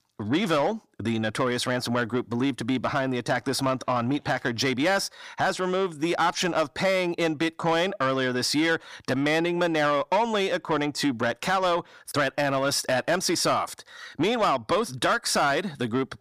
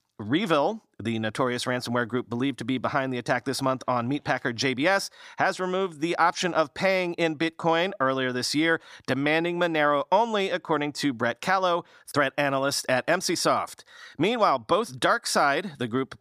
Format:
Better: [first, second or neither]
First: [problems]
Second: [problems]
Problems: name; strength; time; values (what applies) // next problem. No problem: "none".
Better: second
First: distortion; slight; 10 dB below the speech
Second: none